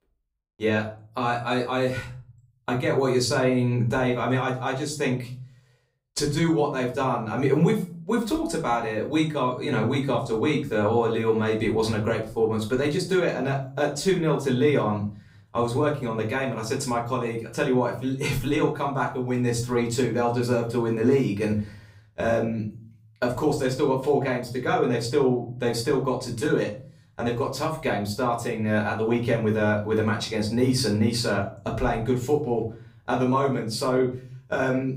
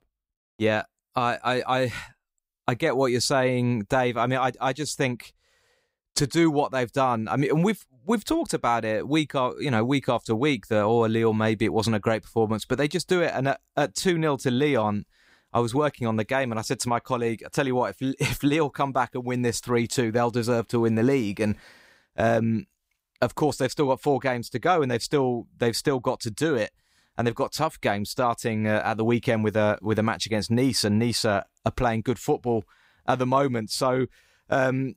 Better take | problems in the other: second | room echo; slight; dies away in 0.4 s // off-mic speech; far

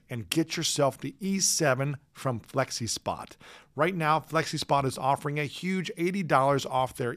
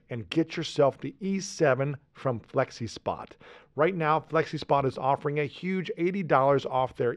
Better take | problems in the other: first | muffled; slightly; fading above 3 kHz

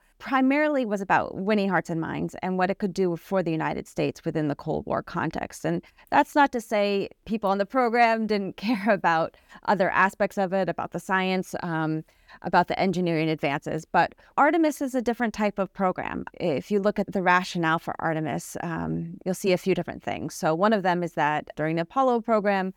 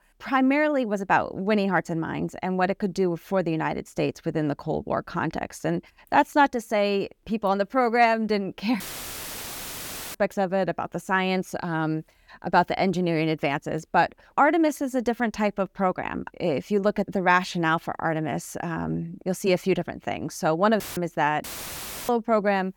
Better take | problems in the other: first | audio cutting out; filled with static; at 9 s for 1.5 s and at 21 s for 0.5 s

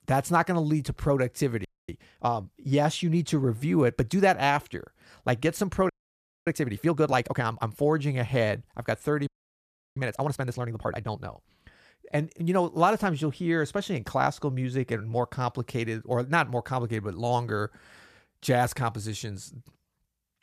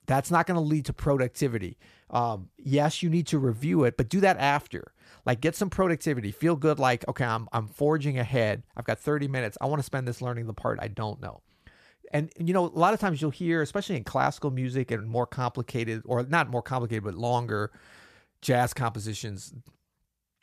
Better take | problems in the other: second | audio freezing; at 1.5 s, at 6 s for 0.5 s and at 9.5 s for 0.5 s

